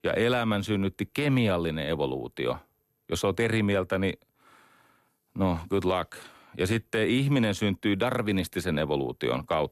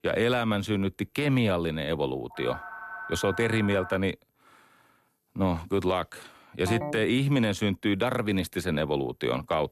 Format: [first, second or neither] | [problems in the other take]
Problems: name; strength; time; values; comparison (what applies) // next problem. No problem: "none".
first | phone ringing; noticeable; from 2.5 to 4 s and at 6.5 s; peak 7 dB below the speech